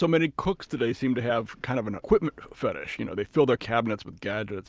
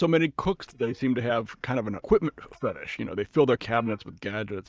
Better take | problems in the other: first | noise reduction (neural mask model DeepFilterNet 3)

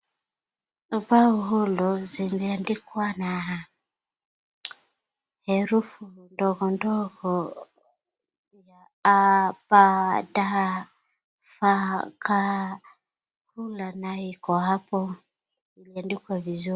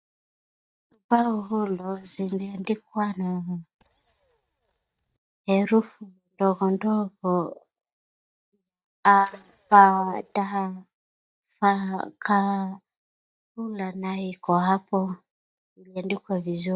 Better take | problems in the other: first | noise reduction (neural mask model DeepFilterNet 3)

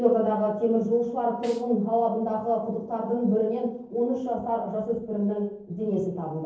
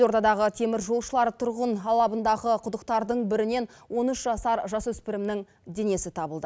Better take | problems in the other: second | noise reduction (neural separator model SepFormer DNS4)

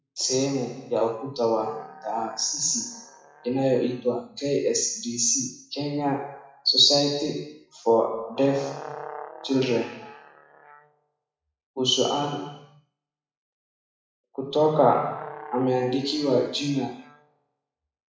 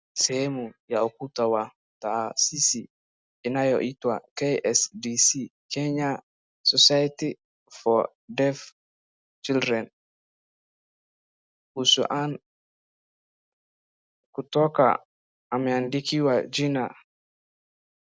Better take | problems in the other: second | noise reduction (classical method WPE with log-MMSE)

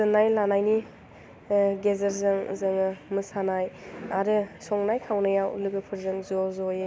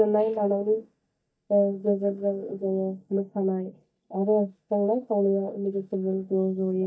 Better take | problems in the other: first | noise reduction (neural mask model DeepFilterNet 3)

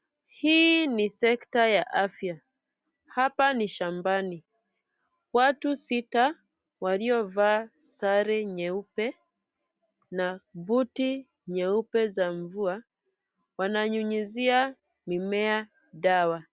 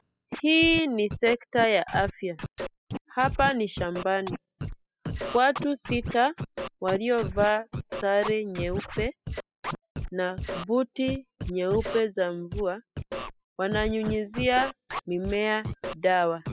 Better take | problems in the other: first | noise reduction (classical method spectral subtraction)

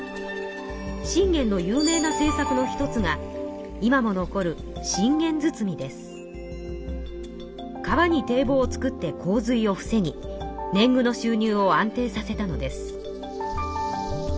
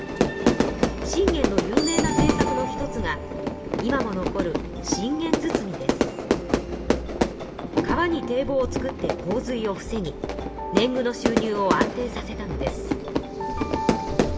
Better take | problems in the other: first | background sound (Fire / Fireworks); 1 dB above the speech // room echo; dies away in 1 s

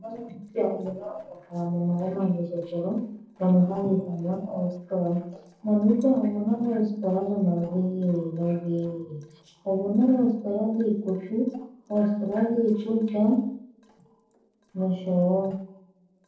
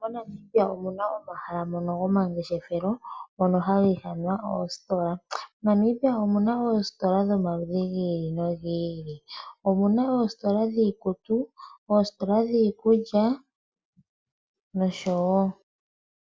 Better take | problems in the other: second | noise reduction (neural separator model SepFormer DNS4)

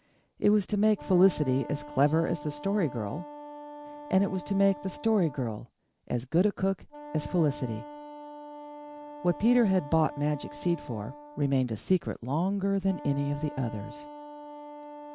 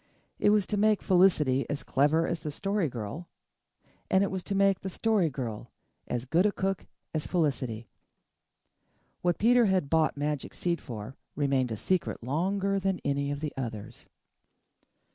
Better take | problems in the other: second | background sound (Wind instrument, woodwind instrument); 15 dB below the speech

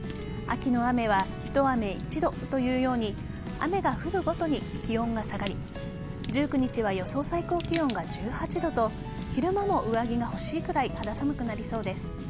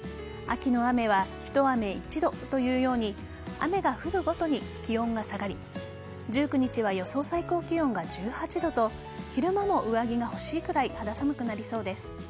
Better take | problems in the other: second | background sound (Fire); 8 dB below the speech

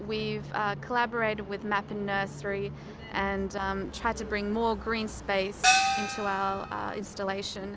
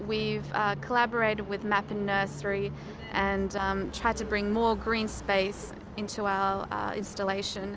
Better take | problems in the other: second | background sound (Gong); 4 dB above the speech

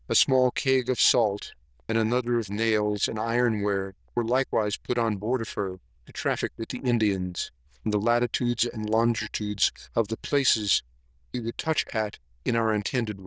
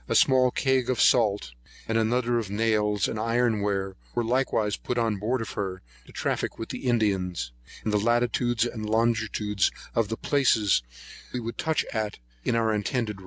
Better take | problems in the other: second | noise reduction (neural diffusion model UNIVERSE++)

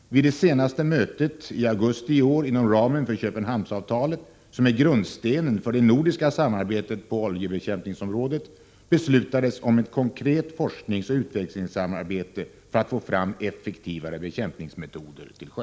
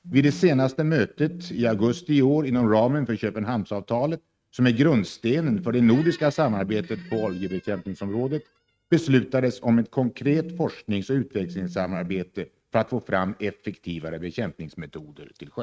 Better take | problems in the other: first | noise reduction (neural mask model RNNoise)

